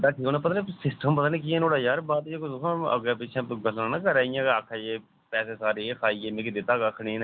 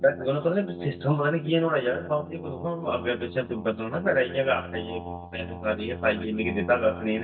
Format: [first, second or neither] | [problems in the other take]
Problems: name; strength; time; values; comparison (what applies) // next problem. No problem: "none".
first | noise reduction (neural mask model DeepFilterNet 3)